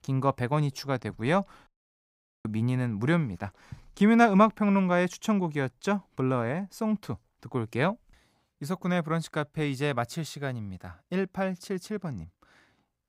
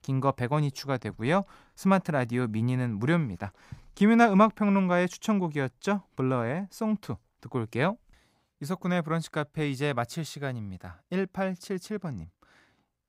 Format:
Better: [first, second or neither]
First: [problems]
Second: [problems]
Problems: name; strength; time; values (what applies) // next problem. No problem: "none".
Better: second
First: audio cutting out; at 1.5 s for 1 s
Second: none